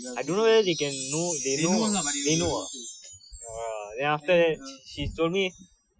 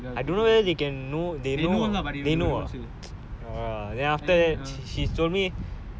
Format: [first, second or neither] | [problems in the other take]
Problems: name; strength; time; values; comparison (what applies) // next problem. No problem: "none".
second | noise reduction (classical method Wiener filter)